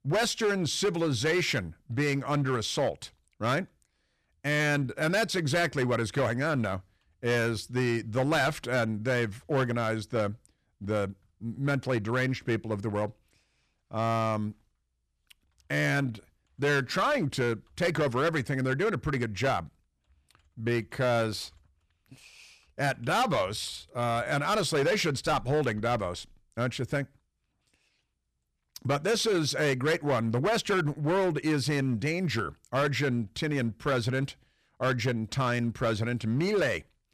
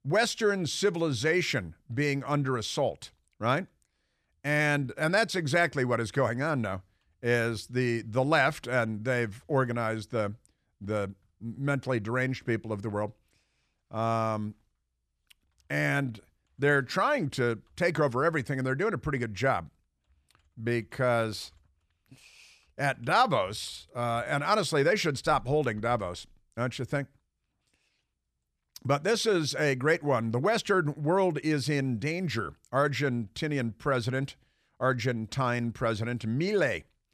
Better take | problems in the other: second | distortion; slight; 8% of the sound clipped

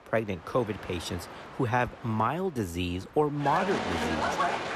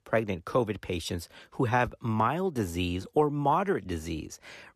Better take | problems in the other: second | train or aircraft noise; loud; throughout; 3 dB below the speech

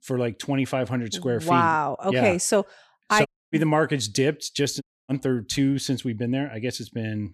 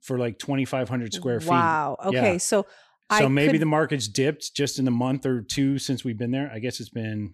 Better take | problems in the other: second | audio cutting out; at 3.5 s and at 5 s

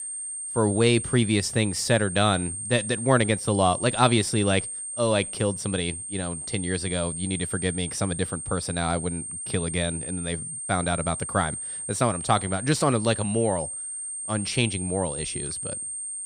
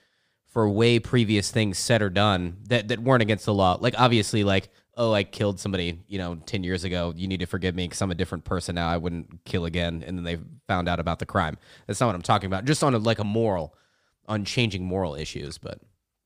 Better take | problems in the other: second | high-pitched whine; loud; throughout; 8.5 kHz, 6 dB below the speech

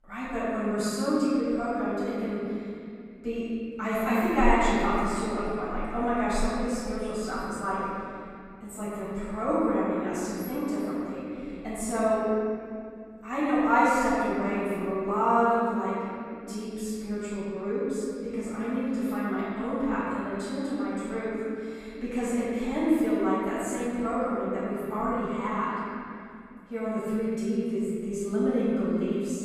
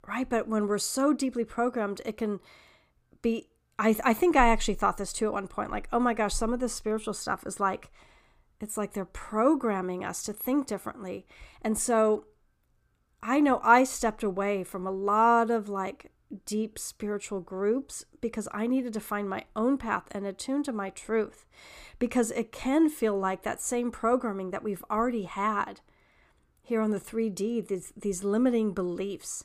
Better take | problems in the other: second | room echo; strong; dies away in 2.7 s // off-mic speech; far

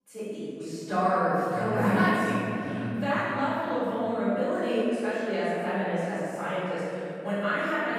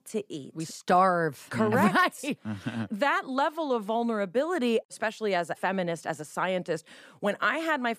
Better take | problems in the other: second | off-mic speech; far // room echo; strong; dies away in 3 s

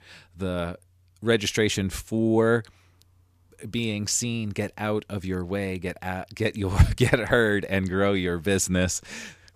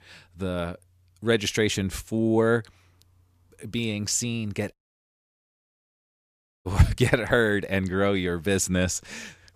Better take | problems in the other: first | audio cutting out; at 4.5 s for 2 s

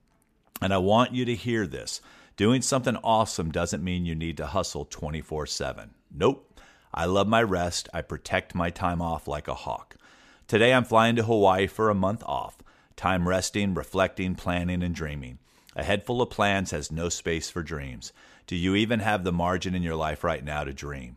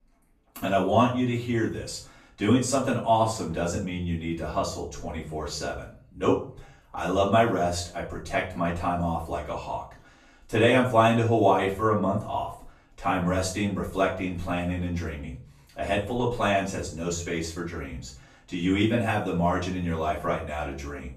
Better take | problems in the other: first | off-mic speech; far // room echo; slight; dies away in 0.4 s

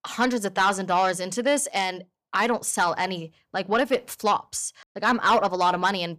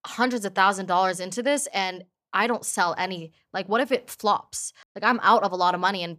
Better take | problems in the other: second | distortion; slight; 10 dB below the speech

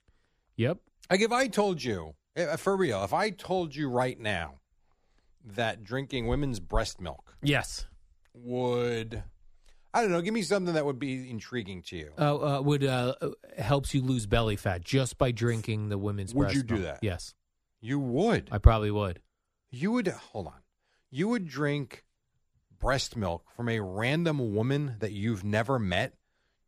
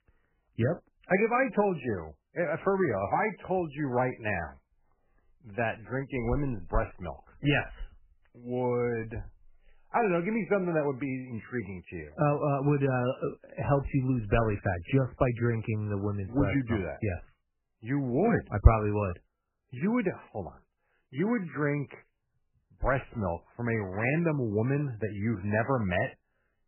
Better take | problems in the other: first | garbled, watery; badly; nothing above 3 kHz

